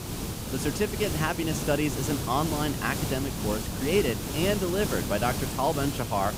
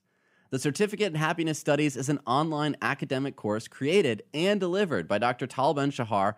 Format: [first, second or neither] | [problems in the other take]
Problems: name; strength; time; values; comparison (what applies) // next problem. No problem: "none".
second | hiss; loud; throughout; 3 dB below the speech